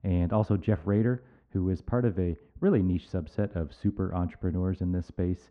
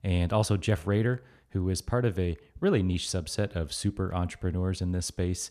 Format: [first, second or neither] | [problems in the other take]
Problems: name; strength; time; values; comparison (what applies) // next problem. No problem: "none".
second | muffled; very; fading above 1.5 kHz